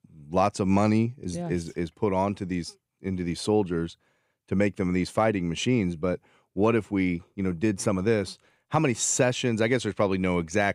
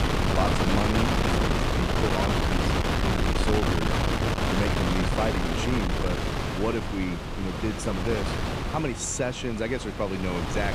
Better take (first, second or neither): first